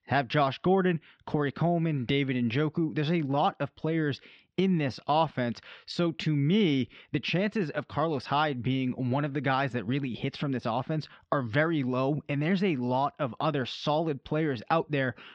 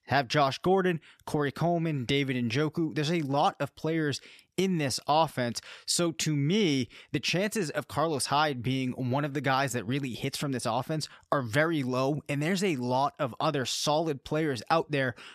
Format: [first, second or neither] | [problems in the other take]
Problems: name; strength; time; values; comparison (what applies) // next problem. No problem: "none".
second | muffled; slightly; fading above 4 kHz